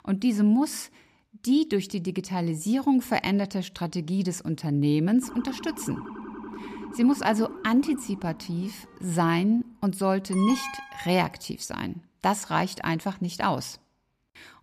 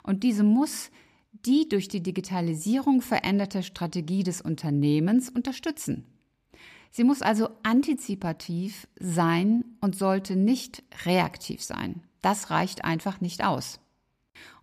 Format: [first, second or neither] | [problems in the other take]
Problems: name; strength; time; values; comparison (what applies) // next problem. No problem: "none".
second | siren; faint; from 5 to 9.5 s; peak 10 dB below the speech // alarm; noticeable; at 10 s; peak 6 dB below the speech